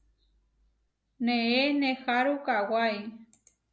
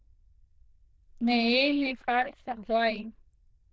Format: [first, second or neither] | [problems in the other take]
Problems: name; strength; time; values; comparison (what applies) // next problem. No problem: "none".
first | noise reduction (neural diffusion model UNIVERSE++)